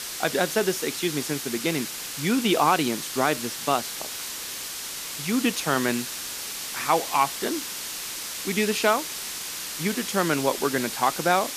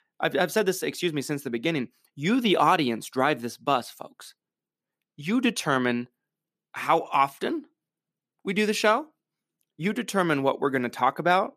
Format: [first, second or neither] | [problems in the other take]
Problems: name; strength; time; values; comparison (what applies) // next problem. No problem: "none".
second | hiss; loud; throughout; 5 dB below the speech